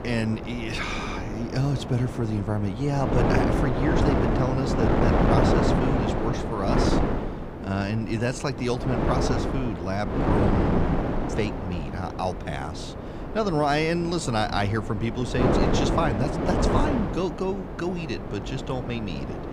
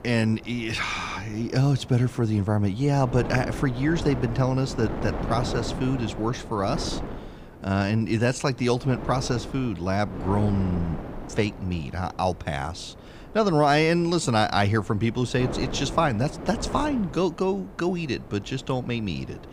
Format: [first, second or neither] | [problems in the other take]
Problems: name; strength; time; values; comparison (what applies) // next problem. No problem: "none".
second | wind noise on the microphone; heavy; 1 dB above the speech; occasional gusts in the second